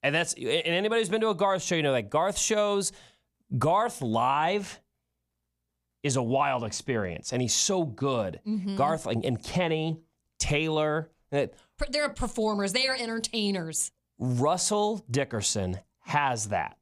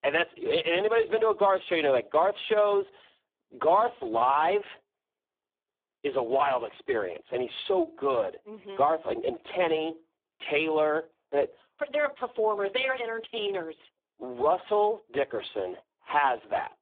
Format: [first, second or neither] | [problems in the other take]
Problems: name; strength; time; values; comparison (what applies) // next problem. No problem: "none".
first | phone-call audio; poor line